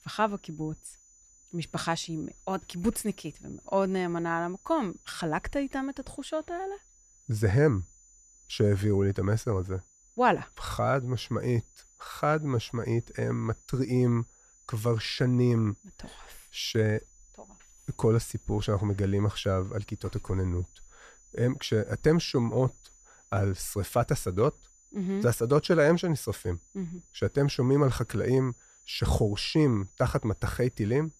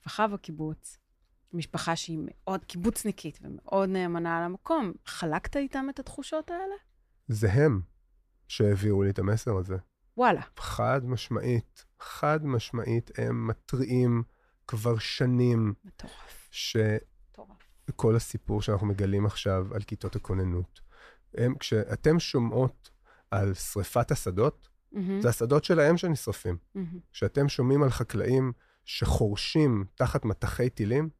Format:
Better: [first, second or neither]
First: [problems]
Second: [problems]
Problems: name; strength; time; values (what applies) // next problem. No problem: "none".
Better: second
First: high-pitched whine; faint; throughout; 7 kHz, 30 dB below the speech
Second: none